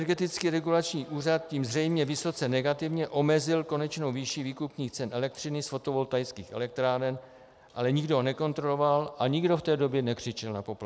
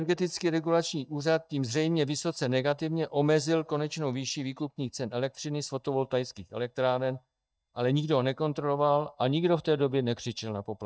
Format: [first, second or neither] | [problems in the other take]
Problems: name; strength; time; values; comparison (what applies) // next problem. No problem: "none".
first | noise reduction (neural mask model DeepFilterNet 3)